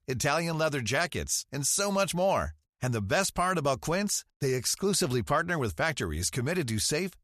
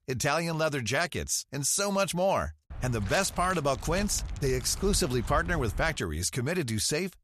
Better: first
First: none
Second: footsteps; noticeable; from 2.5 to 6 s; peak 8 dB below the speech

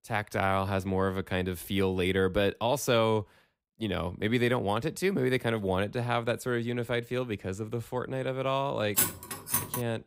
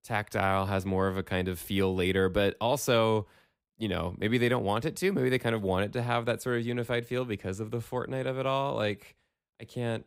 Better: second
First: clattering dishes; loud; at 9 s; peak 3 dB above the speech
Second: none

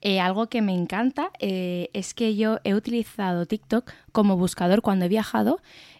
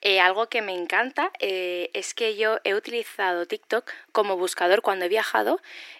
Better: first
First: none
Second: thin; very; fading below 350 Hz

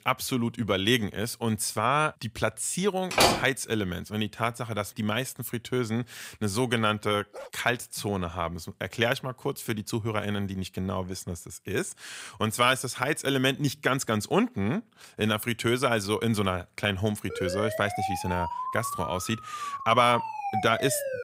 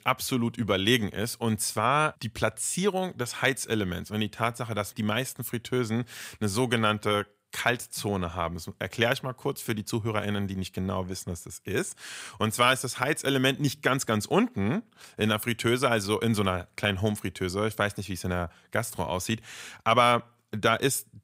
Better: second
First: door banging; loud; at 3 s; peak 6 dB above the speech // dog barking; faint; at 7.5 s; peak 15 dB below the speech // siren; noticeable; from 17 s on; peak 4 dB below the speech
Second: none

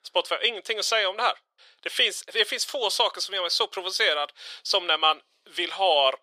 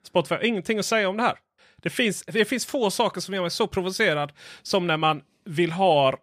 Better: second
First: thin; very; fading below 450 Hz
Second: none

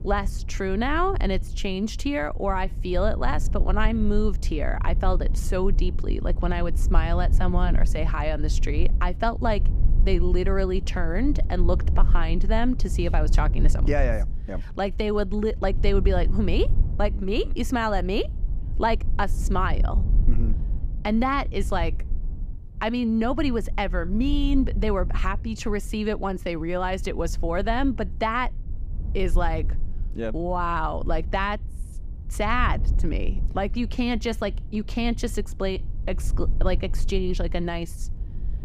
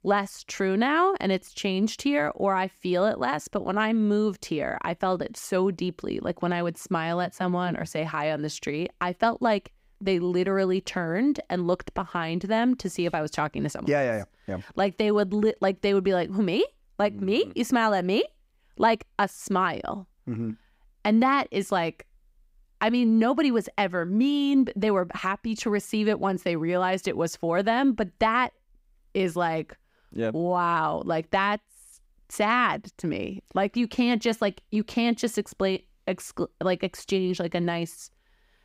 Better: second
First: low rumble; noticeable; throughout; 20 dB below the speech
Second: none

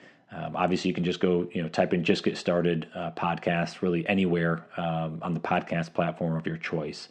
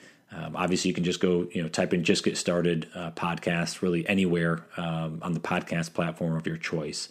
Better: second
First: muffled; slightly; fading above 3.5 kHz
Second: none

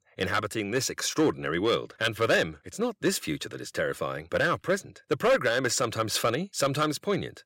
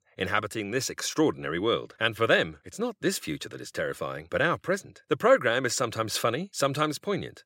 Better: second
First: distortion; slight; 3% of the sound clipped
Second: none

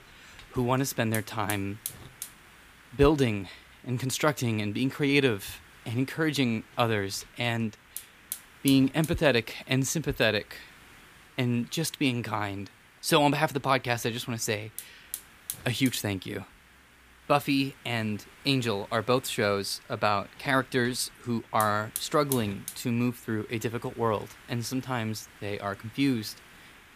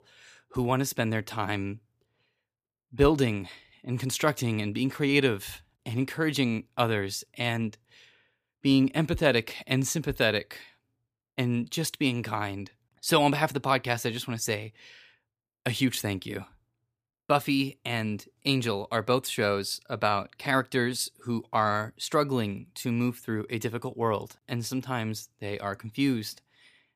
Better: second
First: hiss; noticeable; throughout; 15 dB below the speech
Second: none

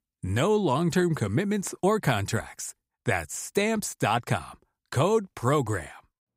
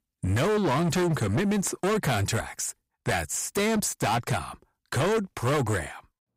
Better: first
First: none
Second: distortion; heavy; 20% of the sound clipped

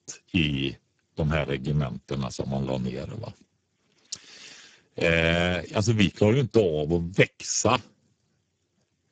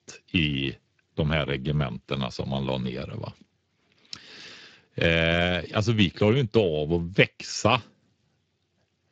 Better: second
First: garbled, watery; badly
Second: garbled, watery; slightly; nothing above 7.5 kHz

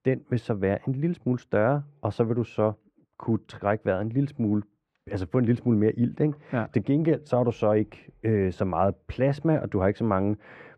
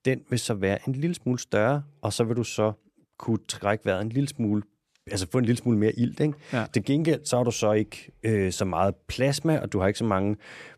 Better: second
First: muffled; very; fading above 4 kHz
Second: none

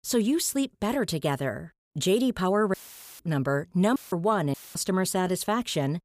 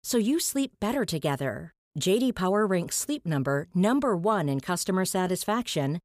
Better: second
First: audio cutting out; filled with static; at 2.5 s, at 4 s and at 4.5 s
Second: none

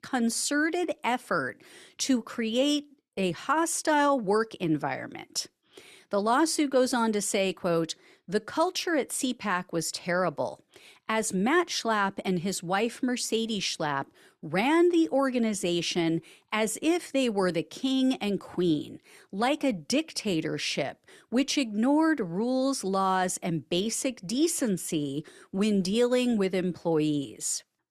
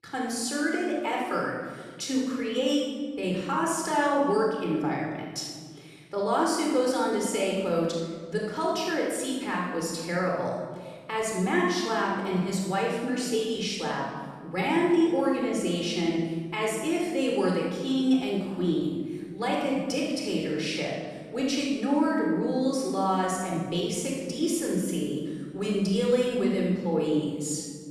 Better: first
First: none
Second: off-mic speech; somewhat distant // room echo; strong; dies away in 1.7 s

